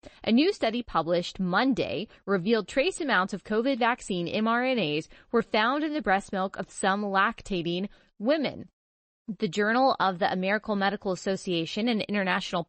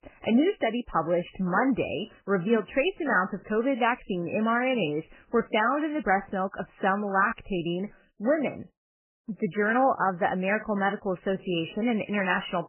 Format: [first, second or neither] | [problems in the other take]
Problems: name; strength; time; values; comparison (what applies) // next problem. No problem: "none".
first | garbled, watery; badly; nothing above 3 kHz; slightly in the first